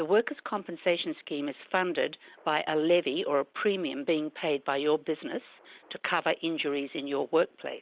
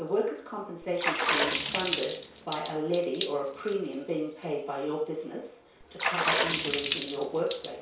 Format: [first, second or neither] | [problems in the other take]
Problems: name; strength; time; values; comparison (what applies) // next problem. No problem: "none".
first | background sound (Water / Splash, splatter); 1 dB below the speech // room echo; dies away in 0.6 s